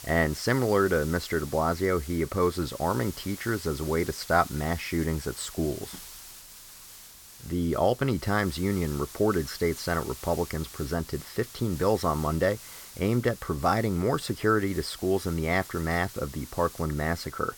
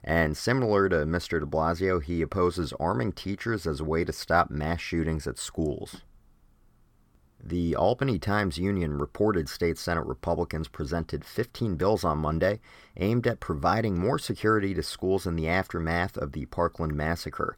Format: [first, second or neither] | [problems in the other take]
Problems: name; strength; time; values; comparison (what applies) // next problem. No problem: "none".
second | hiss; noticeable; throughout; 15 dB below the speech